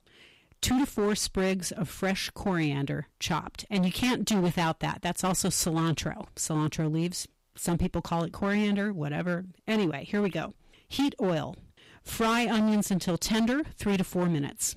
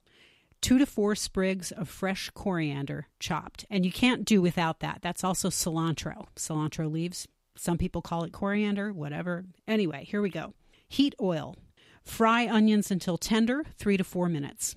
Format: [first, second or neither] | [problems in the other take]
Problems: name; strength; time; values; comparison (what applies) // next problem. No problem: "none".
second | distortion; heavy; 13% of the sound clipped